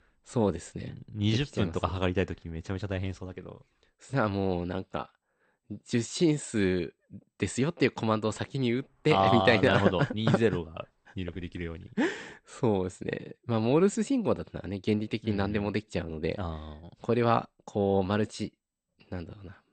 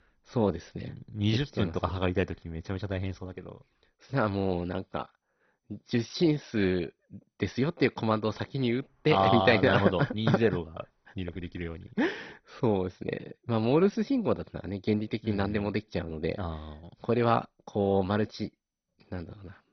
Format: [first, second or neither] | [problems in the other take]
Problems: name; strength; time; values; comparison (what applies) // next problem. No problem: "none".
first | garbled, watery; badly; nothing above 6 kHz; slightly in the first